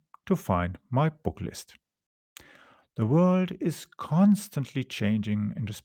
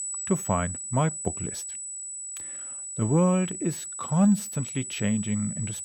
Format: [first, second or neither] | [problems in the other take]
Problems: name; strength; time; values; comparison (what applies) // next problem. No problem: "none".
first | high-pitched whine; loud; throughout; 8 kHz, 7 dB below the speech